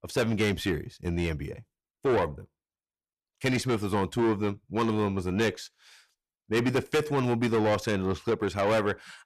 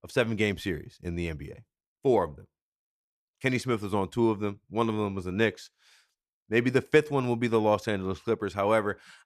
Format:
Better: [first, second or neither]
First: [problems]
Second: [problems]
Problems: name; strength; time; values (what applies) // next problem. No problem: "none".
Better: second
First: distortion; heavy; 7 dB below the speech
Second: none